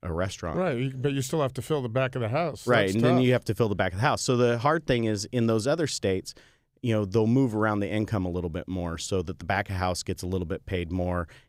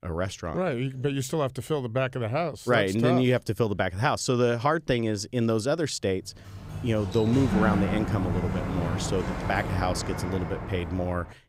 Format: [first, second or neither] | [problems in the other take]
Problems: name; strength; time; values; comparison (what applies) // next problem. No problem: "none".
first | door banging; loud; from 6.5 s on; peak 2 dB above the speech